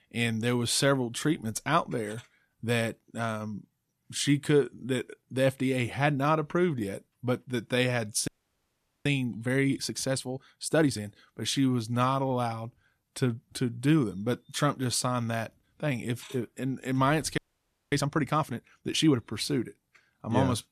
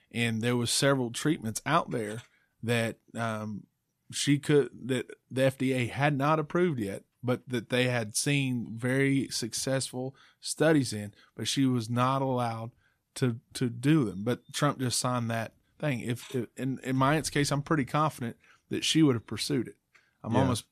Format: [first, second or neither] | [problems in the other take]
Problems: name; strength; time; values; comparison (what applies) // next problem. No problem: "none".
second | audio freezing; at 8.5 s for 1 s and at 17 s for 0.5 s